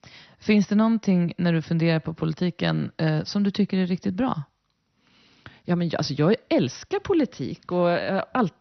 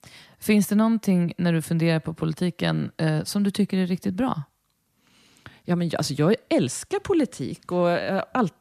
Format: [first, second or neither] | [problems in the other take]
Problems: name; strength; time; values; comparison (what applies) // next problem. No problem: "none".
second | garbled, watery; slightly; nothing above 6 kHz